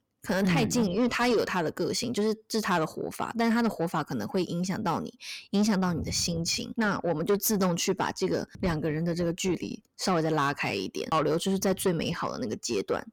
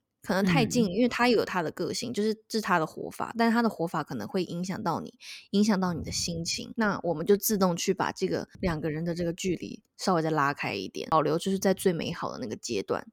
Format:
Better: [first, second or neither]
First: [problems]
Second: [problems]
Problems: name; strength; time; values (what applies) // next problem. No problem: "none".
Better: second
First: distortion; slight; 10 dB below the speech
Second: none